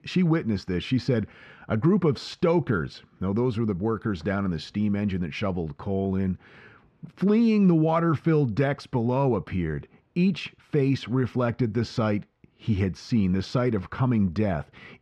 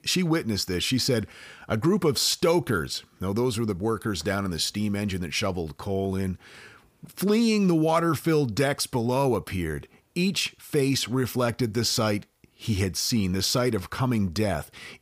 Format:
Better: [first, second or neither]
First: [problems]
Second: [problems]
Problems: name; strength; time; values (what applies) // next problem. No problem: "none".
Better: second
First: muffled; slightly; fading above 2.5 kHz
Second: none